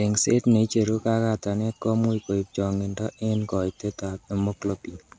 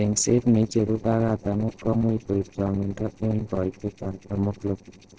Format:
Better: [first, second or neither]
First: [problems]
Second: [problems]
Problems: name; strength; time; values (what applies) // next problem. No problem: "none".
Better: first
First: none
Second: noise reduction (neural separator model SepFormer DNS4)